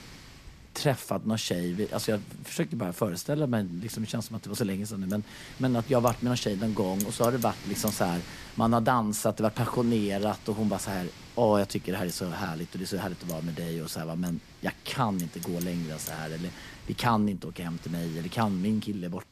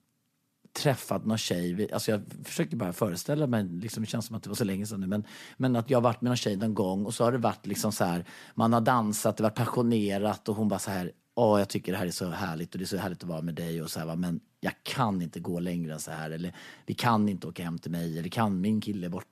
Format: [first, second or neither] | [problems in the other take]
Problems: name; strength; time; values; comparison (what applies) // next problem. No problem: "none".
second | wind noise on the microphone; occasional gusts; 15 dB below the speech